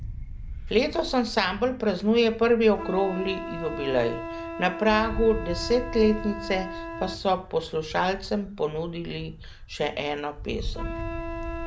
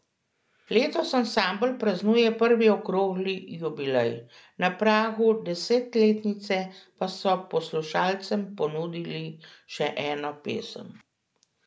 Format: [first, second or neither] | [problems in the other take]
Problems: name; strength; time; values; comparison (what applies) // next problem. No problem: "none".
second | background sound (Wind + Wind instrument, woodwind instrument); 9 dB below the speech